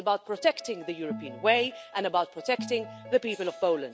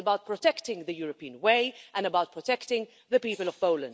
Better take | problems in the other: second | background sound (Piano + Organ); 14 dB below the speech

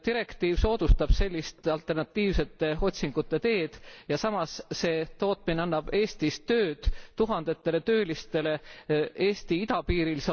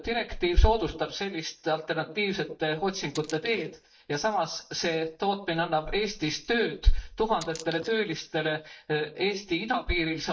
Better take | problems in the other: first | noise reduction (neural mask model DeepFilterNet 3)

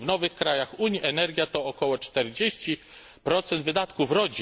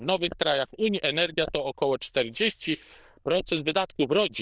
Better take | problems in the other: first | noise reduction (neural diffusion model UNIVERSE++)

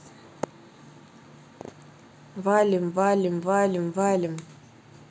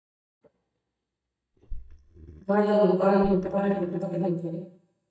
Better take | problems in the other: first | noise reduction (neural mask model DeepFilterNet 3)

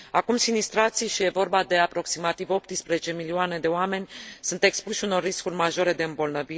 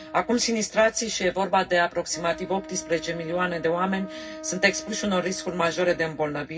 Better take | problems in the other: first | background sound (Wind instrument, woodwind instrument); 16 dB below the speech // room echo; dies away in 0.4 s

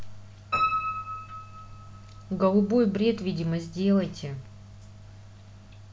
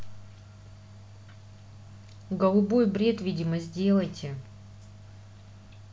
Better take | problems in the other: second | background sound (Piano); 8 dB below the speech

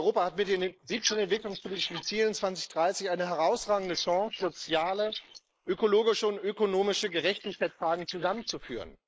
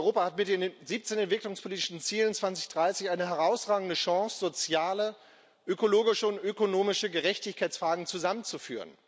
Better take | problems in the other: second | noise reduction (neural mask model Resemble Enhance denoiser)

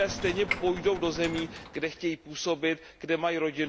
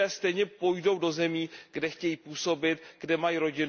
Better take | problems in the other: second | background sound (Gunshot, gunfire + Sliding door / Train); 10 dB below the speech

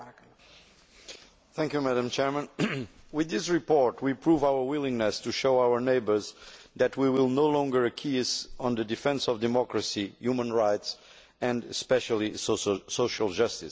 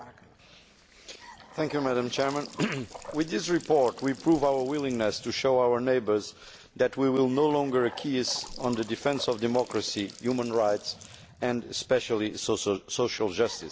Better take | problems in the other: first | background sound (Trickle, dribble / Bathtub (filling or washing) / Sink (filling or washing) / Gurgling); 19 dB below the speech

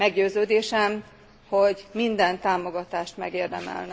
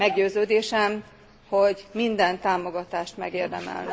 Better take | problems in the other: first | background sound (Growling); 17 dB below the speech

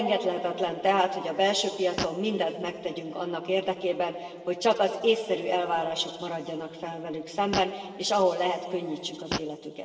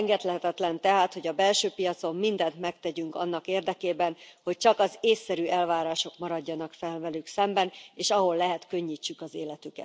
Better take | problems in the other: second | background sound (Fart); 12 dB below the speech // room echo; dies away in 2.7 s

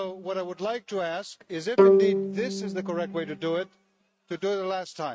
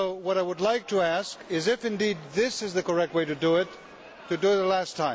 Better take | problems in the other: second | noise reduction (neural mask model RNNoise)

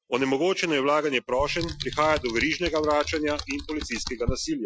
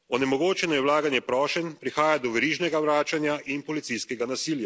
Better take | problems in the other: second | noise reduction (classical method Wiener filter)

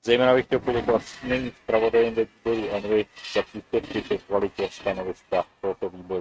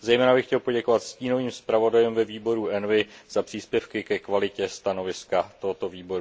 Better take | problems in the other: second | noise reduction (neural mask model RNNoise)

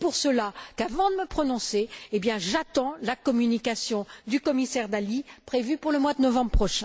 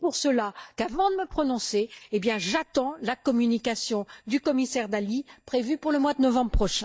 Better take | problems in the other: first | noise reduction (neural mask model DeepFilterNet 3)

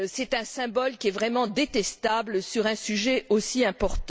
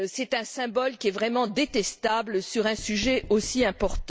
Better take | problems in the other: first | noise reduction (neural mask model DeepFilterNet 3)

